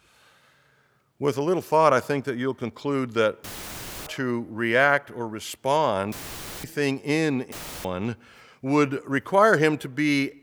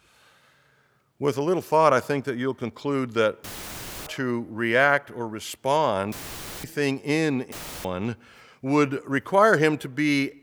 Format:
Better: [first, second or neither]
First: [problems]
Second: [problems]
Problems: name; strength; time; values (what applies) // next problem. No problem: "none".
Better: neither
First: audio cutting out; filled with static; at 3.5 s for 0.5 s, at 6 s for 0.5 s and at 7.5 s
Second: audio cutting out; filled with static; at 3.5 s for 0.5 s, at 6 s for 0.5 s and at 7.5 s